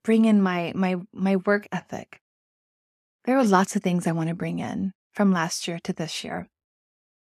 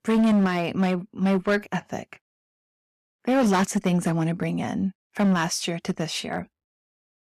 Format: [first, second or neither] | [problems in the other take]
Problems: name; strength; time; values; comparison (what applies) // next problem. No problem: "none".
first | distortion; slight; 7% of the sound clipped